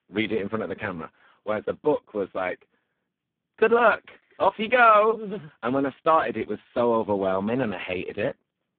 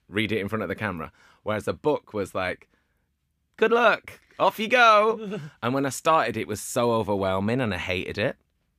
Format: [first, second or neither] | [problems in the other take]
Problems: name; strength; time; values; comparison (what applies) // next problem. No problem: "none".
second | phone-call audio; poor line